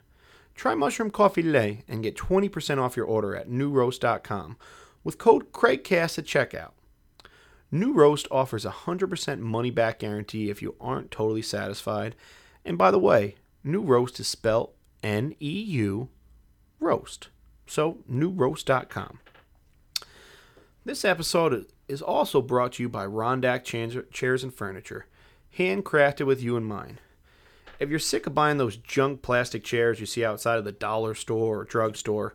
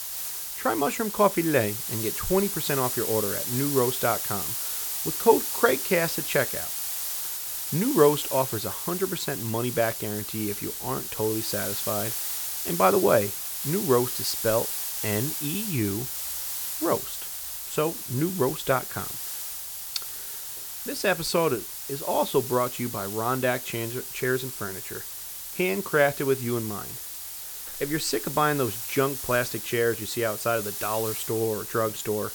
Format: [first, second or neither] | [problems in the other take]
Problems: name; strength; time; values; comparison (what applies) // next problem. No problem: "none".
first | hiss; loud; throughout; 3 dB below the speech